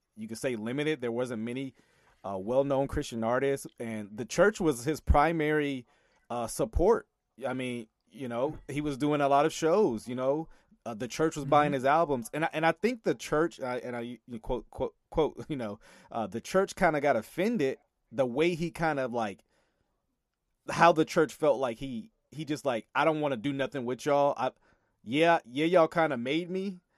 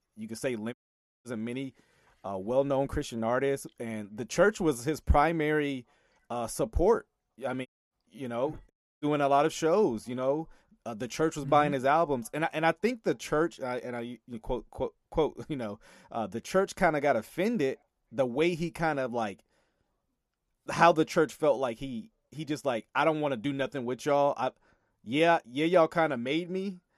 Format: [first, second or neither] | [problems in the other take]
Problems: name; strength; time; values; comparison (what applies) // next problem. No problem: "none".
first | audio cutting out; at 0.5 s for 0.5 s, at 7.5 s and at 8.5 s